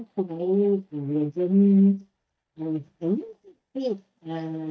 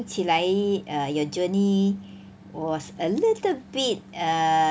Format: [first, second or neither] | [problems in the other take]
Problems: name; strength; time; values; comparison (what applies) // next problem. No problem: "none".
second | noise reduction (neural mask model DeepFilterNet 3)